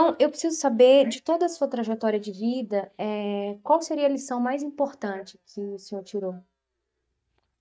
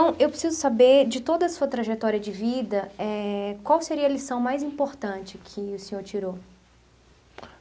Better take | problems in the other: second | noise reduction (neural mask model DeepFilterNet 3)

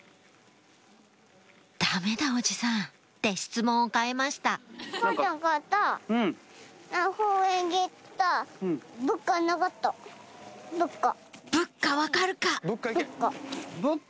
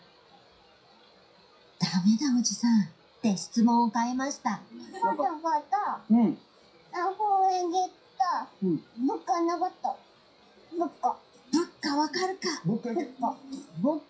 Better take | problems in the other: first | noise reduction (classical method WPE with log-MMSE)

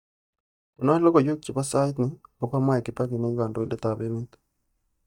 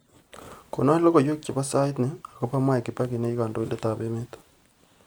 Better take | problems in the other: second | noise reduction (neural mask model DeepFilterNet 3)

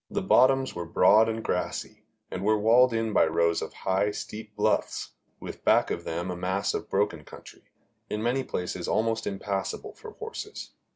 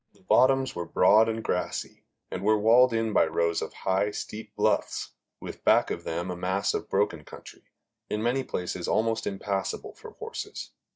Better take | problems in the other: first | noise reduction (neural mask model DeepFilterNet 3)

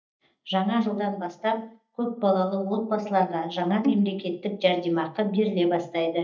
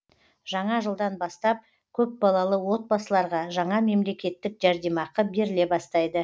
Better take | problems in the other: second | noise reduction (neural mask model DeepFilterNet 3)

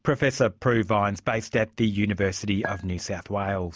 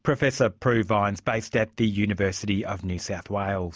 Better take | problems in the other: second | background sound (Chink, clink); 11 dB below the speech

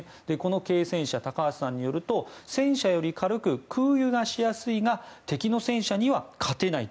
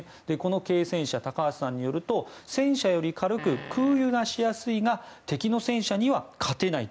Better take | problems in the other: first | background sound (Fart); 15 dB below the speech

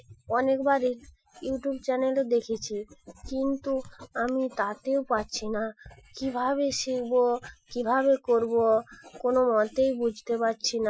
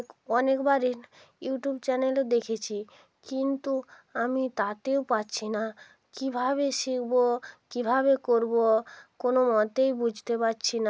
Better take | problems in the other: second | noise reduction (classical method Wiener filter)

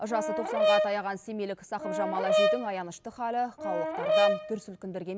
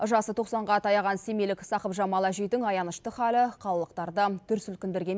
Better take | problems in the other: second | background sound (Brass instrument); 4 dB above the speech

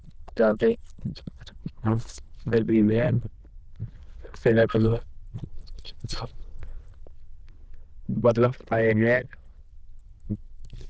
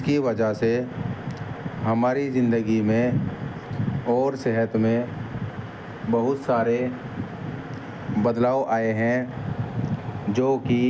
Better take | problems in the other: second | noise reduction (neural diffusion model UNIVERSE++)

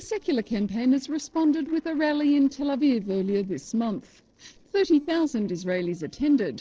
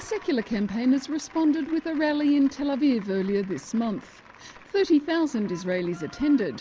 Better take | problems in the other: second | noise reduction (neural separator model SepFormer DNS4)

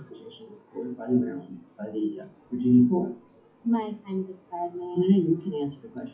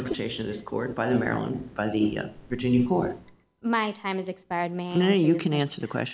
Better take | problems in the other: second | noise reduction (classical method WPE with log-MMSE)

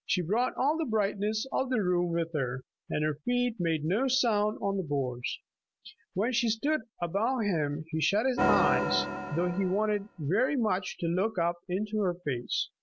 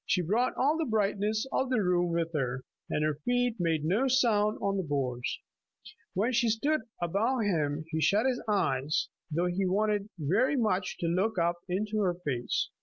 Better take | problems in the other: second | background sound (Organ); 2 dB below the speech

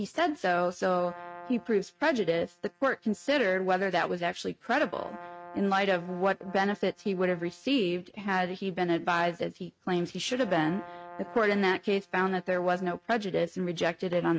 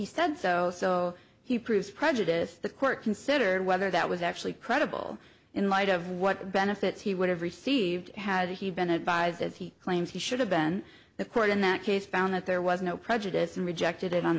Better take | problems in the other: second | noise reduction (neural mask model RNNoise)

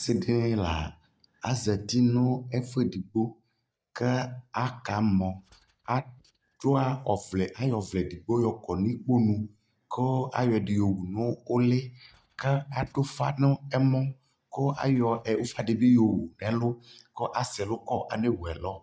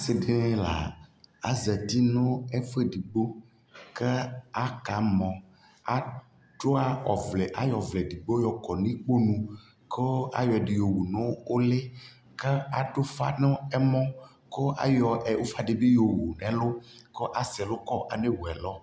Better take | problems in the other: second | noise reduction (neural mask model DeepFilterNet 3)

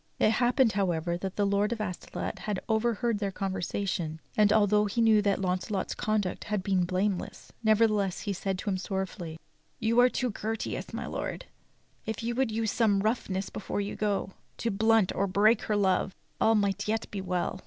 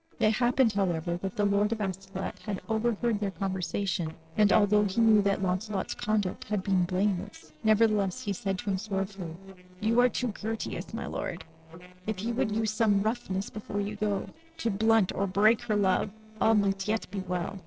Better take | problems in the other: first | noise reduction (neural separator model SepFormer DNS4)

